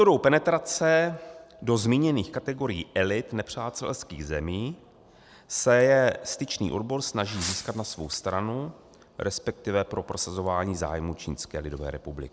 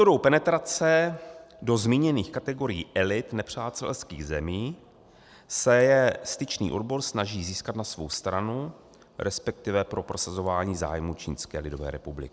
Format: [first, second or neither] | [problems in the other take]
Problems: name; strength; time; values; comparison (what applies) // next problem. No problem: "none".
second | background sound (Fireworks); 15 dB below the speech